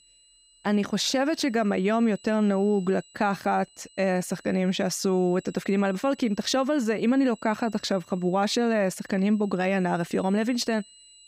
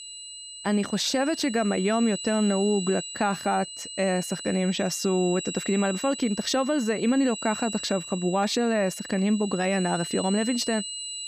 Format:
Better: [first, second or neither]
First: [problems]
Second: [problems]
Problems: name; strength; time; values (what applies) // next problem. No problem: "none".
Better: first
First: high-pitched whine; faint; throughout; 8 kHz, 25 dB below the speech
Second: high-pitched whine; loud; throughout; 8 kHz, 9 dB below the speech